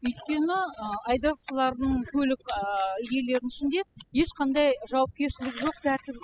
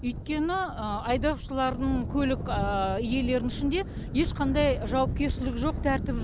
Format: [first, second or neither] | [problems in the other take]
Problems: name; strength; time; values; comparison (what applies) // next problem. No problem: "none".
second | noise reduction (classical method spectral subtraction)